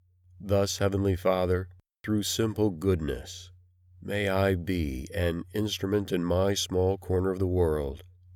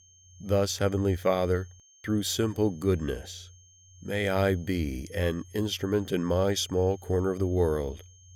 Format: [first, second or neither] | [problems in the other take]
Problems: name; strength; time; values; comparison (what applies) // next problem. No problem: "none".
first | high-pitched whine; faint; throughout; 6.5 kHz, 30 dB below the speech